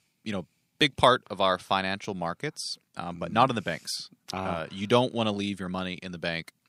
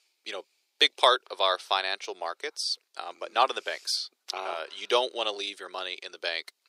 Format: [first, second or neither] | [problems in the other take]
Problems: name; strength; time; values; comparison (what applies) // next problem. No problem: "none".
first | thin; very; fading below 400 Hz